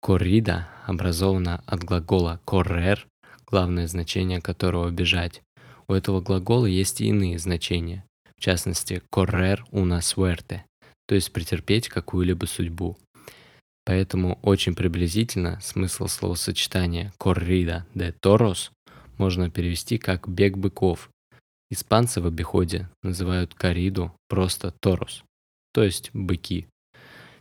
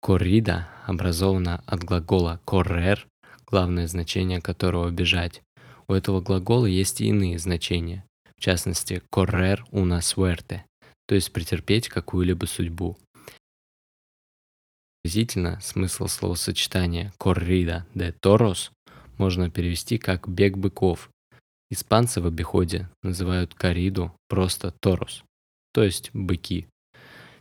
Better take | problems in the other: first | audio cutting out; at 13 s for 1.5 s

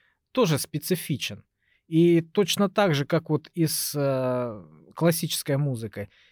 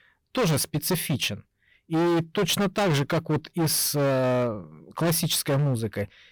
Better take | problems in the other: first | distortion; heavy; 21% of the sound clipped

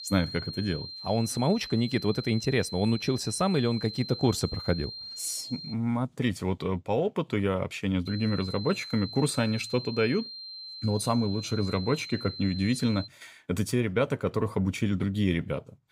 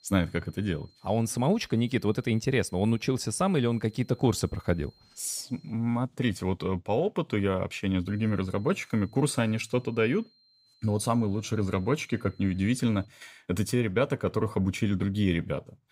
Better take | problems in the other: second | high-pitched whine; loud; until 5.5 s and from 8 to 13 s; 4 kHz, 10 dB below the speech; faint in the second

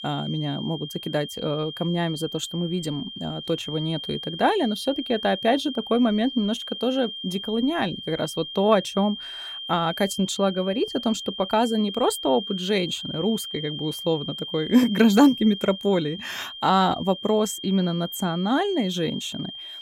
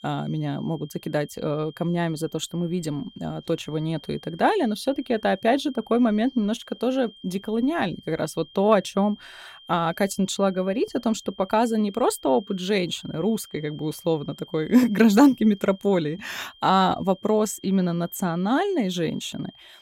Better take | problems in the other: second | high-pitched whine; loud; throughout; 3 kHz, 9 dB below the speech; faint in the second

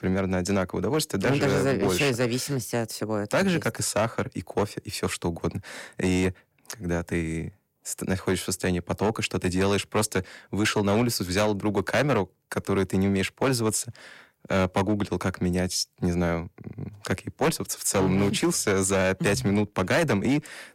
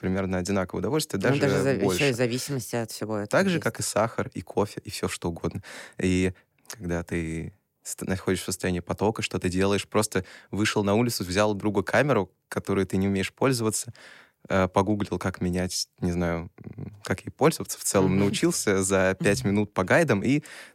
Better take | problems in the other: second | distortion; slight; 7% of the sound clipped

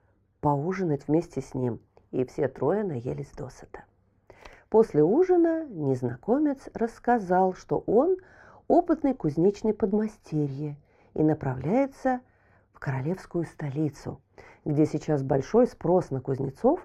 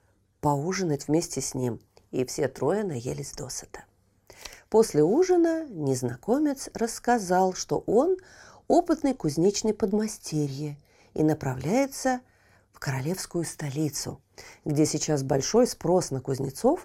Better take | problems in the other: second | muffled; very; fading above 3.5 kHz

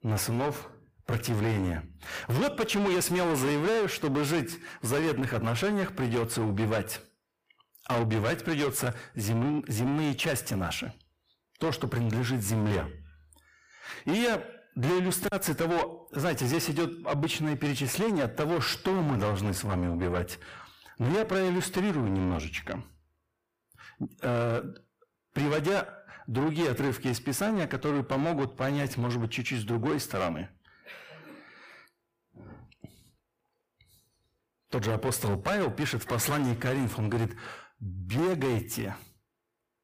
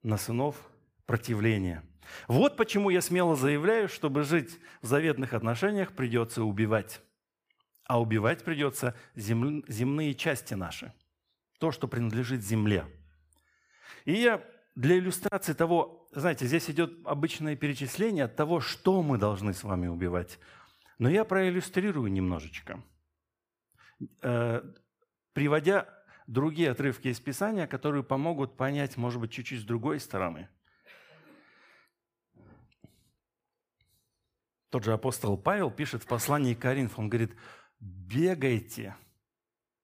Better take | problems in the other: second | distortion; heavy; 5 dB below the speech

